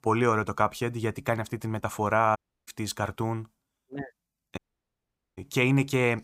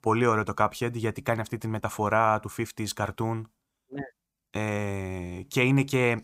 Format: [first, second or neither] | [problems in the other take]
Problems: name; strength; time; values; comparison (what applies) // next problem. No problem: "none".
second | audio cutting out; at 2.5 s and at 4.5 s for 1 s